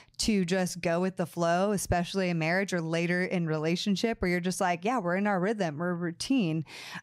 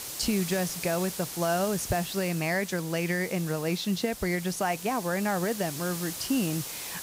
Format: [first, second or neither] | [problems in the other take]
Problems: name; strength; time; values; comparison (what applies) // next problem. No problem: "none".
first | hiss; loud; throughout; 7 dB below the speech